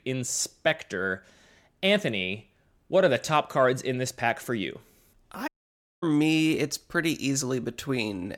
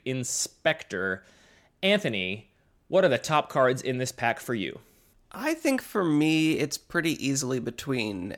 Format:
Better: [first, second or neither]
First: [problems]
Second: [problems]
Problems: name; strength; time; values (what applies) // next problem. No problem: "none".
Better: second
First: audio cutting out; at 5.5 s for 0.5 s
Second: none